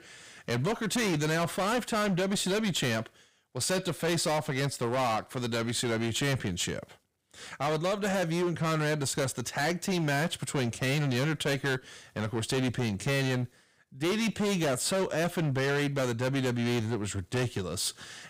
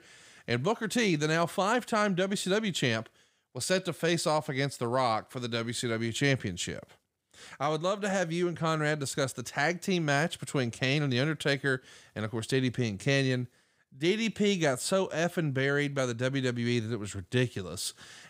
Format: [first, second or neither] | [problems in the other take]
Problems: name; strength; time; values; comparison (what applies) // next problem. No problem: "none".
second | distortion; heavy; 21% of the sound clipped